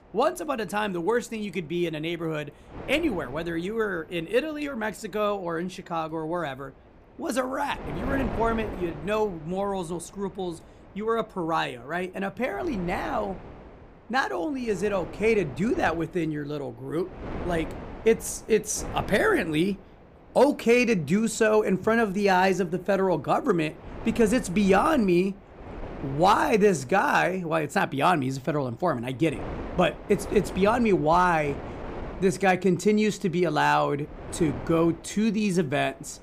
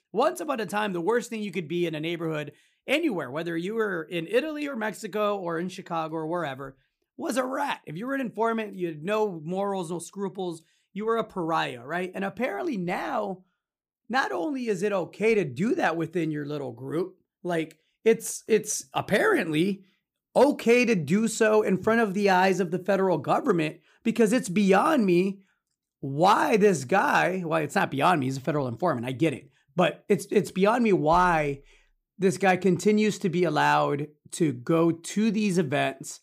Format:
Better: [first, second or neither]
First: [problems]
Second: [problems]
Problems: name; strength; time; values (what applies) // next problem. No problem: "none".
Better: second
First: wind noise on the microphone; occasional gusts; 15 dB below the speech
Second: none